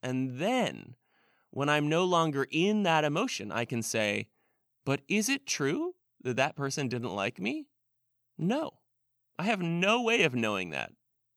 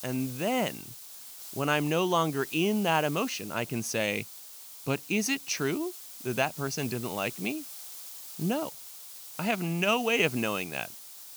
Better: first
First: none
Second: hiss; noticeable; throughout; 10 dB below the speech

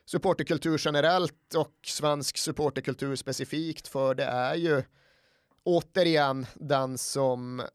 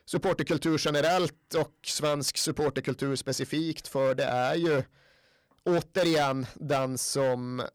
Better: first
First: none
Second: distortion; slight; 9% of the sound clipped

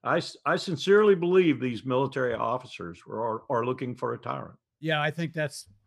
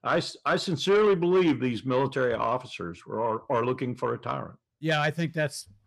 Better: first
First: none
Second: distortion; slight; 10 dB below the speech

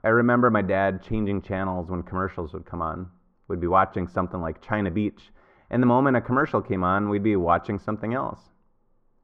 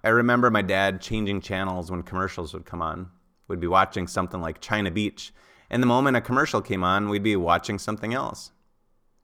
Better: second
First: muffled; very; fading above 4 kHz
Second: none

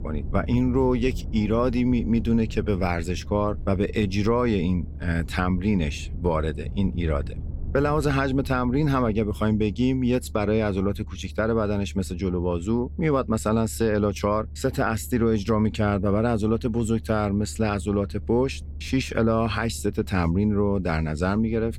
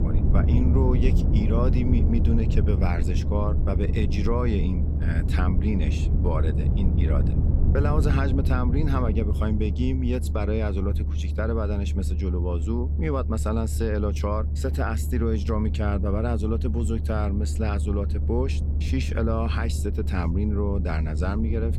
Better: first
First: low rumble; faint; throughout; 25 dB below the speech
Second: low rumble; loud; throughout; 7 dB below the speech

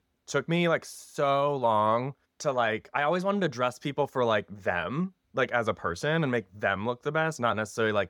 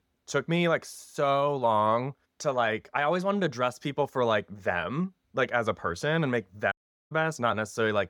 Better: first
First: none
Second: audio cutting out; at 6.5 s

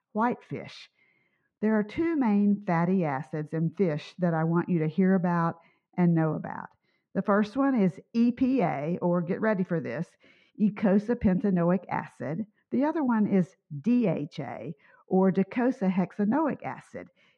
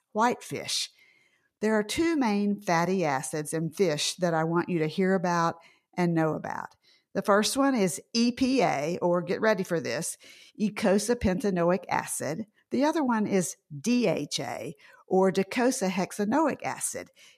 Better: second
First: muffled; very; fading above 2 kHz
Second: none

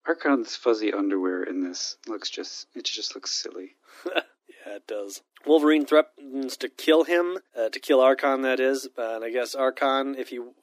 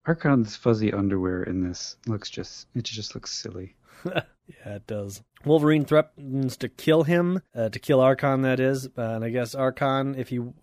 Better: second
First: thin; very slightly; fading below 300 Hz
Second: none

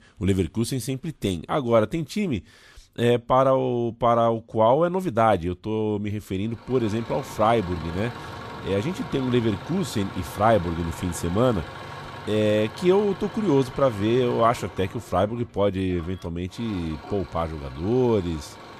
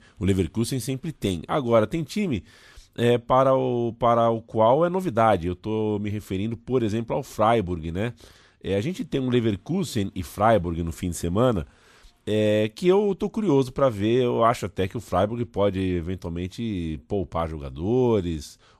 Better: second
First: traffic noise; noticeable; from 6.5 s on; 15 dB below the speech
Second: none

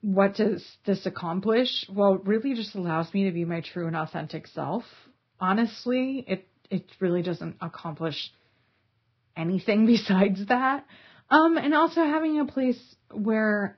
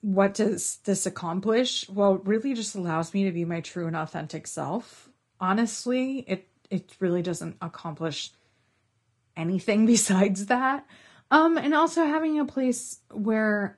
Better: second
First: garbled, watery; badly; nothing above 5.5 kHz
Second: garbled, watery; slightly; nothing above 11.5 kHz

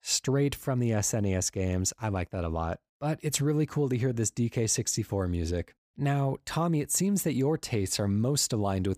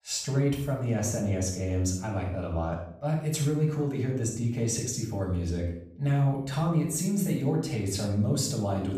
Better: first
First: none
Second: off-mic speech; far // room echo; noticeable; dies away in 0.5 s

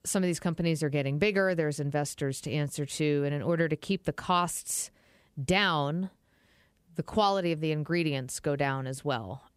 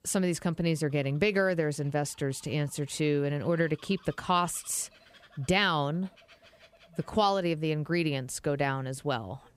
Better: first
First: none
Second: animal sounds; faint; throughout; 30 dB below the speech

